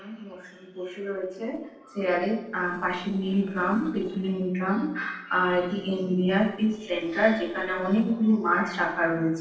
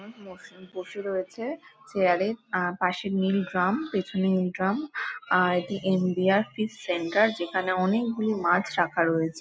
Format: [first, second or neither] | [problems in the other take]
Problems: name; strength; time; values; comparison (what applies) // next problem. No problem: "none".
second | noise reduction (neural separator model SepFormer DNS4)